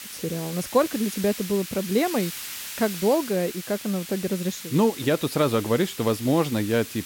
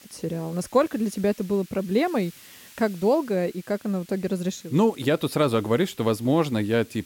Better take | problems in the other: second | hiss; loud; throughout; 10 dB below the speech; faint in the second

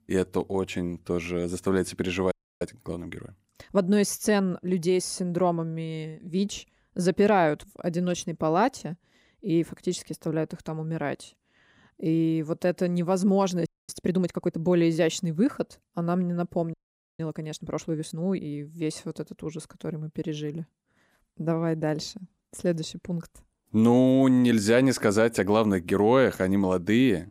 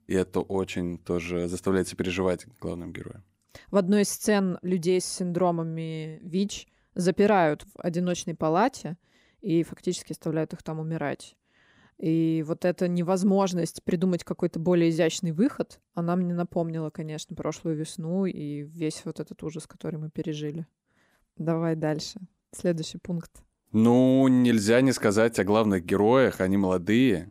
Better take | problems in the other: second | audio freezing; at 2.5 s, at 14 s and at 17 s

